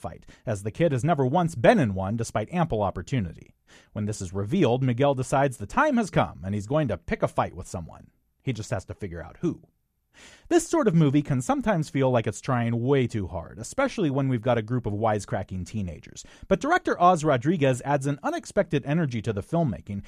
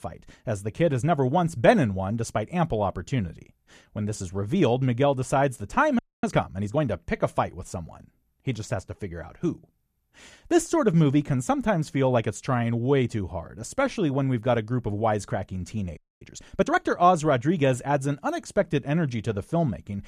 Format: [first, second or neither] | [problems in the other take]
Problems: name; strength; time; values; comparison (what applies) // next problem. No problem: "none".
first | audio freezing; at 6 s and at 16 s